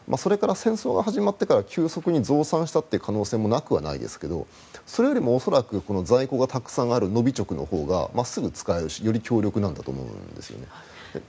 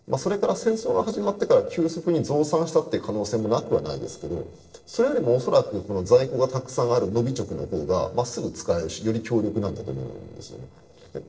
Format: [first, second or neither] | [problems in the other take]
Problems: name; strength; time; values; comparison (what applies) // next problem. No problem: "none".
first | noise reduction (neural separator model SepFormer DNS4)